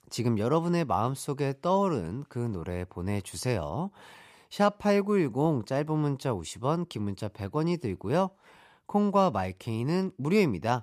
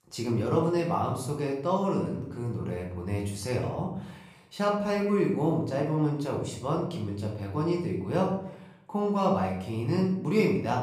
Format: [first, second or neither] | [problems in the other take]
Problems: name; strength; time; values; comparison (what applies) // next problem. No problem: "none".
first | room echo; noticeable; dies away in 0.6 s // off-mic speech; far